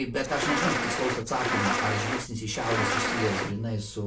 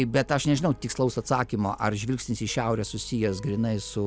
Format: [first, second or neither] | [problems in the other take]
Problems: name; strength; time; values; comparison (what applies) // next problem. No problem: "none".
second | background sound (Insect); 1 dB above the speech // room echo; dies away in 0.2 s